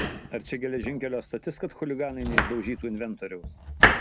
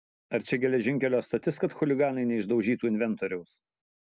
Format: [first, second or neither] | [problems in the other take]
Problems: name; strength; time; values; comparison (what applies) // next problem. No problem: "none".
second | background sound (Domestic sounds, home sounds); 4 dB above the speech